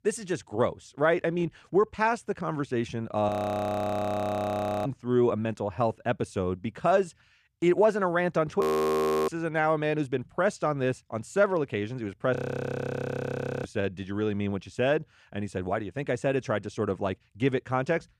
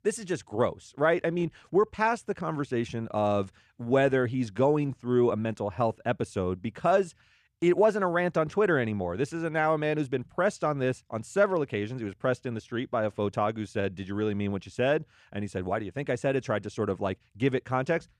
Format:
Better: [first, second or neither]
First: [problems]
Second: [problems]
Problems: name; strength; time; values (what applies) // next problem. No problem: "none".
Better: second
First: audio freezing; at 3.5 s for 1.5 s, at 8.5 s for 0.5 s and at 12 s for 1.5 s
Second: none